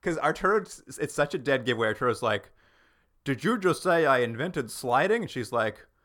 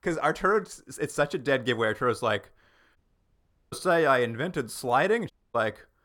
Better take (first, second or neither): first